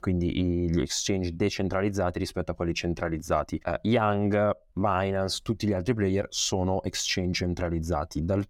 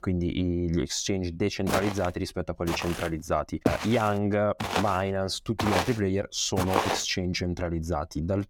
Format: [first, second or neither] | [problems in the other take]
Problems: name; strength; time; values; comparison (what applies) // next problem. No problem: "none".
first | footsteps; loud; from 1.5 to 7 s; peak 1 dB above the speech